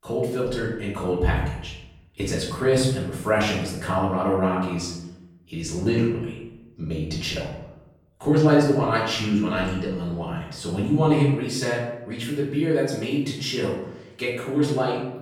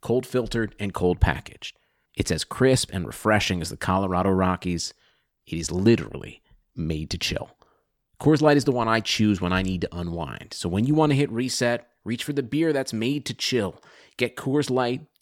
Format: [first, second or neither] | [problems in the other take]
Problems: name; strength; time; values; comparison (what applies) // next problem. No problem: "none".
second | off-mic speech; far // room echo; noticeable; dies away in 0.7 s